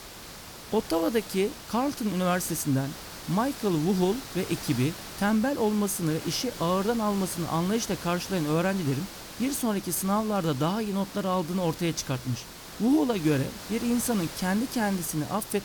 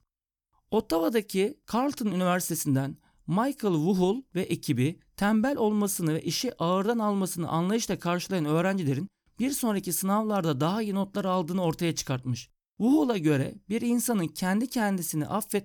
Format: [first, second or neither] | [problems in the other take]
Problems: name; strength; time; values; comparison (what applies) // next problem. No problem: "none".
second | hiss; noticeable; throughout; 10 dB below the speech